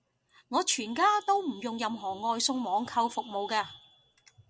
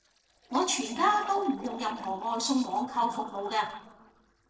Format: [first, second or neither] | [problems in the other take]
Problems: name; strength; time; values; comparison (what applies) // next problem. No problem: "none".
first | noise reduction (neural separator model SepFormer DNS4)